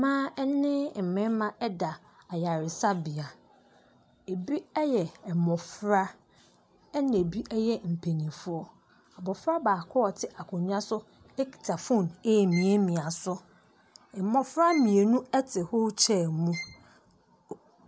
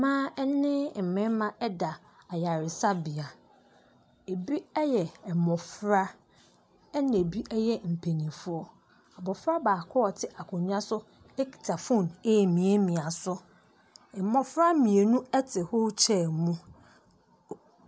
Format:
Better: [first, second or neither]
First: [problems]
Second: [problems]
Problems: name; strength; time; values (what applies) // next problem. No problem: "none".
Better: second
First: background sound (Bowed string instrument); 17 dB below the speech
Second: none